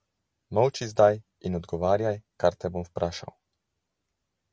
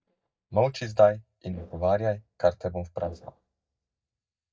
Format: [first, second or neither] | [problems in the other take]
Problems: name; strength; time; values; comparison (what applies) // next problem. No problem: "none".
first | noise reduction (neural mask model DeepFilterNet 3)